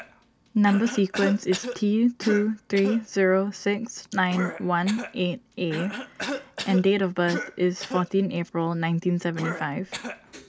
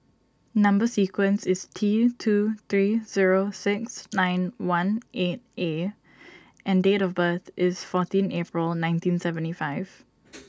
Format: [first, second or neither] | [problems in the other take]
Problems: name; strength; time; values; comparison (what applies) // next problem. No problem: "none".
second | background sound (Cough); 12 dB below the speech